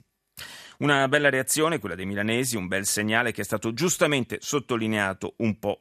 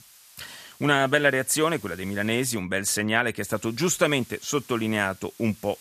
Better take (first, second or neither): first